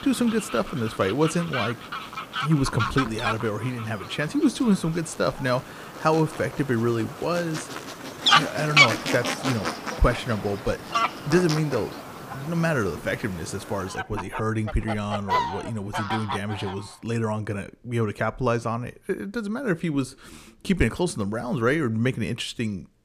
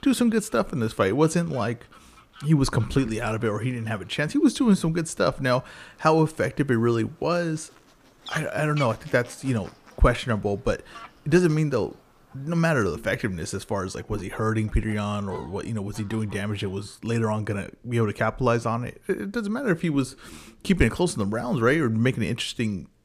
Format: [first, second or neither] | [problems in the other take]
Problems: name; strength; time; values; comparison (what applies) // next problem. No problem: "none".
second | animal sounds; loud; until 16 s; 1 dB below the speech; faint in the second